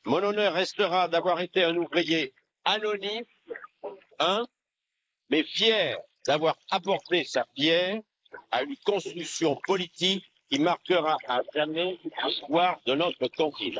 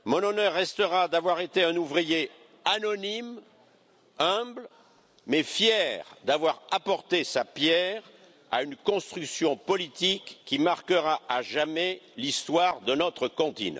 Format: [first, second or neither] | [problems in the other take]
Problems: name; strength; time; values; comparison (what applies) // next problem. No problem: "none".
second | noise reduction (neural mask model Resemble Enhance denoiser)